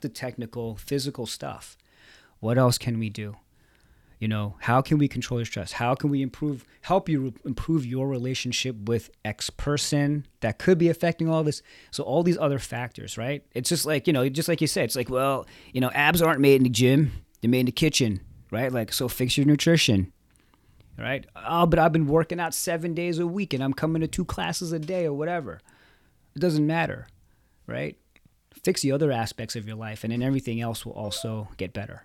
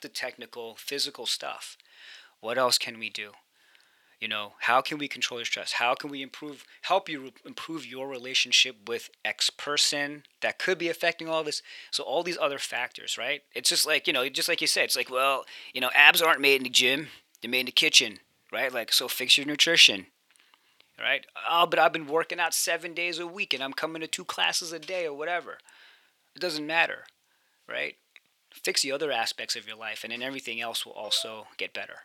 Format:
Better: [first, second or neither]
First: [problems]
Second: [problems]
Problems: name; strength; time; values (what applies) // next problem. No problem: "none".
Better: first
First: none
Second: thin; very; fading below 600 Hz